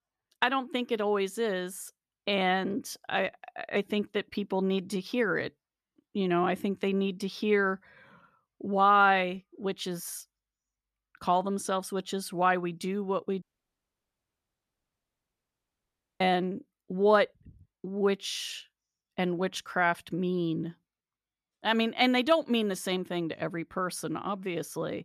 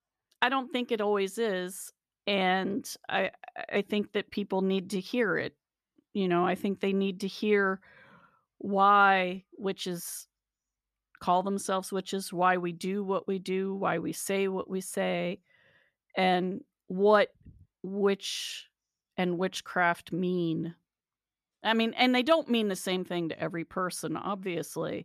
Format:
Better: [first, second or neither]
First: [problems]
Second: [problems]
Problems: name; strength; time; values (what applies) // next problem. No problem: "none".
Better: second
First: audio cutting out; at 13 s for 3 s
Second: none